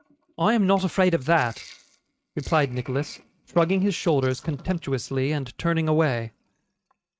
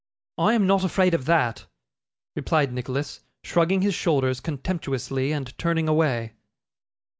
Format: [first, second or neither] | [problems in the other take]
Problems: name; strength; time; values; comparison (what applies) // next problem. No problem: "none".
second | noise reduction (neural mask model RNNoise)